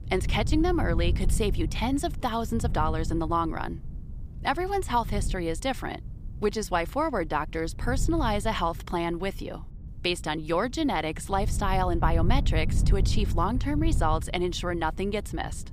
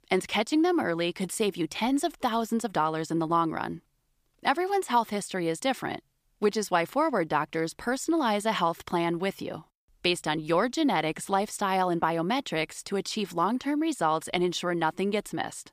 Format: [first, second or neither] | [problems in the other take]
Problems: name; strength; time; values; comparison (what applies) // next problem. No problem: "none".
second | wind noise on the microphone; occasional gusts; 20 dB below the speech